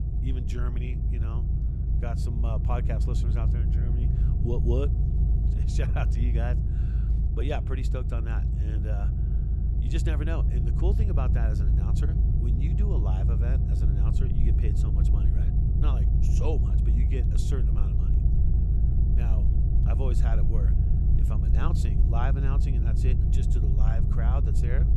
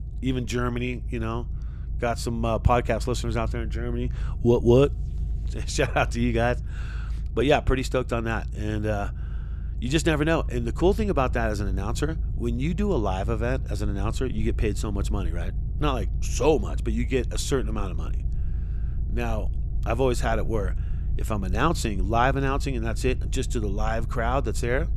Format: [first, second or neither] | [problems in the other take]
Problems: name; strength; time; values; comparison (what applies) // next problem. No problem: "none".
second | low rumble; loud; throughout; 1 dB below the speech; faint in the second